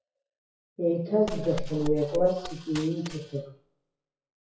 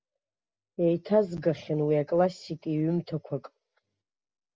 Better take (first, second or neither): second